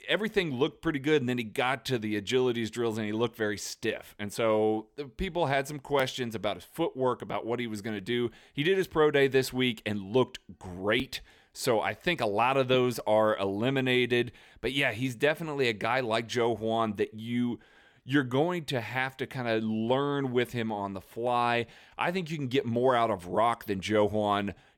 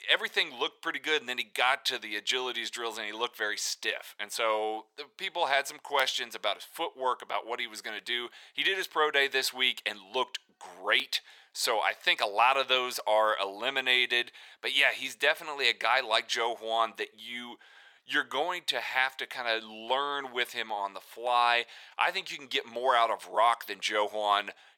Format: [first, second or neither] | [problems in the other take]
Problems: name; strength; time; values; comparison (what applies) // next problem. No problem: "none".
first | thin; very; fading below 850 Hz